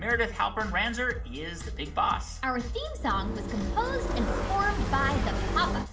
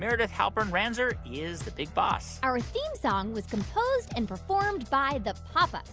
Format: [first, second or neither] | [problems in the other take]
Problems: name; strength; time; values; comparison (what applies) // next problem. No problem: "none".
second | background sound (Motorcycle); 1 dB below the speech // room echo; dies away in 0.4 s